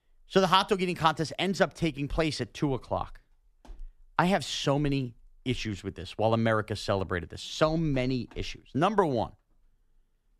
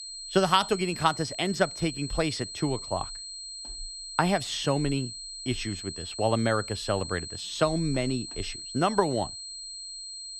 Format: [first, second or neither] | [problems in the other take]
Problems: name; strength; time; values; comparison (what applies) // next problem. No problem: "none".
first | high-pitched whine; loud; throughout; 4 kHz, 8 dB below the speech